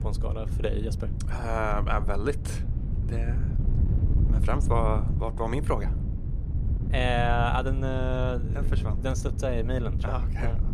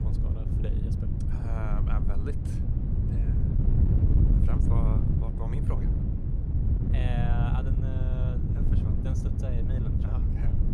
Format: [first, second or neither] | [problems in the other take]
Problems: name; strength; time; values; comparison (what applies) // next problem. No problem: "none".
first | wind noise on the microphone; heavy; 2 dB above the speech; occasional gusts in the first